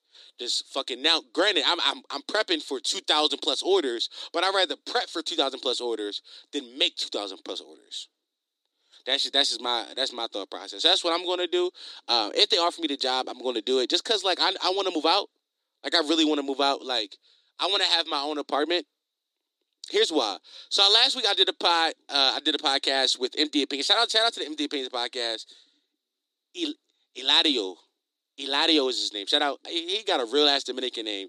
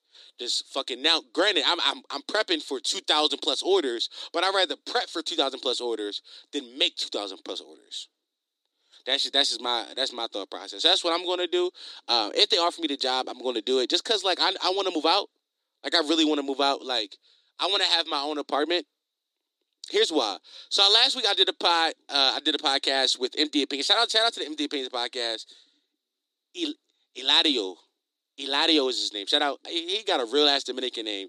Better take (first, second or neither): neither